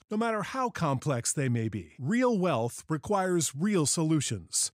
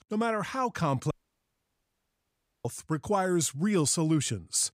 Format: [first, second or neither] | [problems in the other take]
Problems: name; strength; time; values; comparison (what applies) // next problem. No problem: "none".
first | audio cutting out; at 1 s for 1.5 s